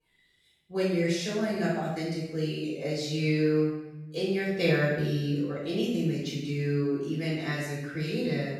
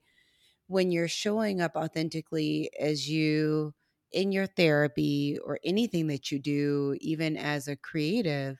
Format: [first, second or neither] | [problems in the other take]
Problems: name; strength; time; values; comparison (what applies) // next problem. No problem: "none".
second | off-mic speech; far // room echo; strong; dies away in 0.9 s